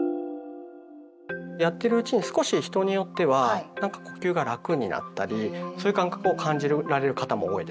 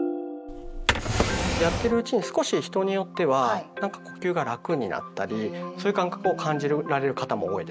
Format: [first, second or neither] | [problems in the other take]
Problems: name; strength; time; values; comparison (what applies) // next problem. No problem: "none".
first | background sound (Drawer open or close); as loud as the speech